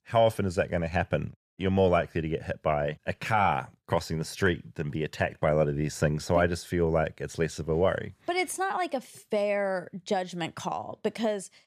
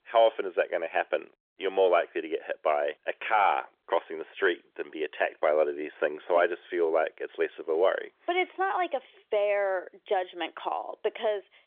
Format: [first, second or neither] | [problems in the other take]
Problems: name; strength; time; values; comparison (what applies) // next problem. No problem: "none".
first | phone-call audio; nothing above 3.5 kHz